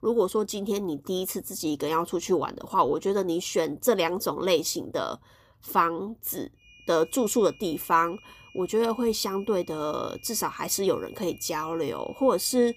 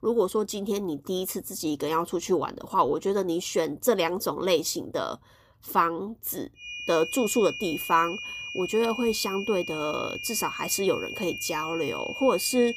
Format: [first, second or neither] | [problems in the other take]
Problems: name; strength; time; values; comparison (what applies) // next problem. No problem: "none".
first | high-pitched whine; loud; from 6.5 s on; 2.5 kHz, 7 dB below the speech; faint in the first